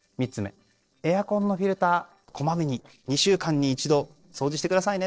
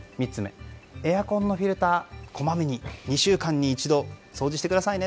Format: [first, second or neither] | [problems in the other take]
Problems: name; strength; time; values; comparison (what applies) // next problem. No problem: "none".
second | noise reduction (neural separator model SepFormer DNS4)